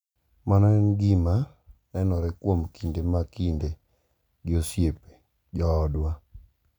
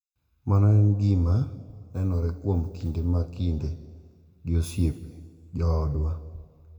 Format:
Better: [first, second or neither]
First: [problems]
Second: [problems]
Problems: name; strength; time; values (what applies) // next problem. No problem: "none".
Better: first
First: none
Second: room echo; dies away in 1.2 s